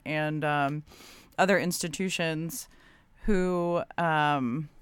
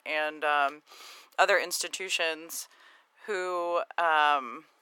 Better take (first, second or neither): first